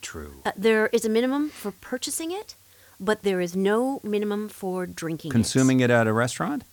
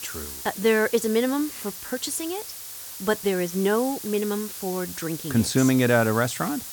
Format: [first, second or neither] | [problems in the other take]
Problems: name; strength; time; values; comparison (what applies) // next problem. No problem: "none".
first | hiss; loud; throughout; 10 dB below the speech; faint in the first